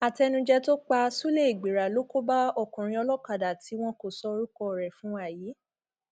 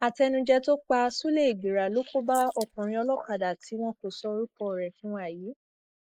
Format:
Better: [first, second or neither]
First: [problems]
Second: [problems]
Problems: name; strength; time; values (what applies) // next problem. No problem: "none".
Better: first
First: none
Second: noise reduction (neural mask model Resemble Enhance denoiser)